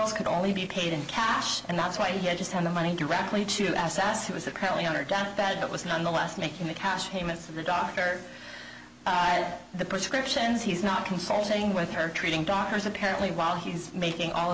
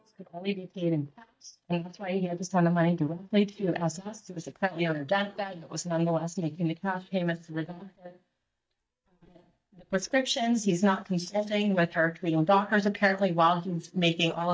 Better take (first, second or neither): first